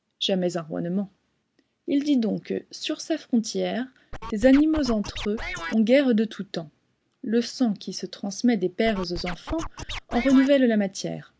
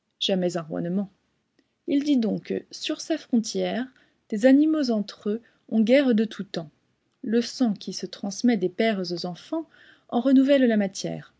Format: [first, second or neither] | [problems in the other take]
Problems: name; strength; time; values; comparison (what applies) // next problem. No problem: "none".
second | background sound (Scratching (performance technique)); 9 dB below the speech